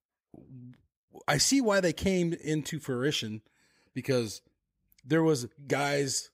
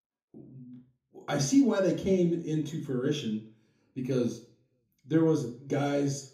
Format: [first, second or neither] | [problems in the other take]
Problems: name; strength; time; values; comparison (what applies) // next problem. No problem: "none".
first | room echo; slight; dies away in 0.6 s // off-mic speech; far